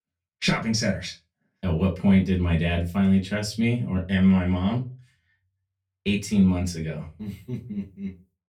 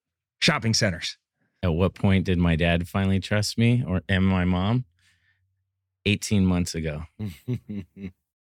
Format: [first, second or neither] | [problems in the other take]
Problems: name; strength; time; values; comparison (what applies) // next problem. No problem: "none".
second | off-mic speech; far // room echo; very slight; dies away in 0.2 s